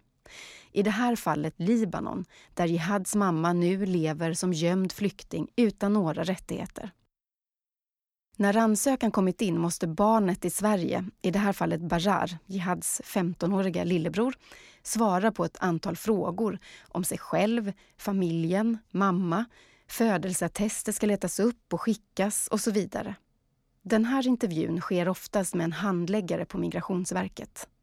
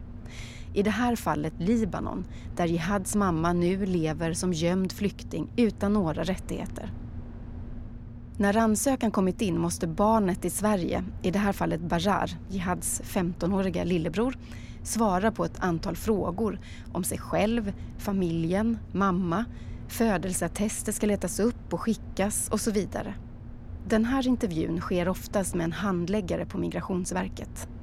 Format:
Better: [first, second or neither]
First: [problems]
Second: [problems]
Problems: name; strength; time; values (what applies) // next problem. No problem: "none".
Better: first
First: none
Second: low rumble; faint; throughout; 20 dB below the speech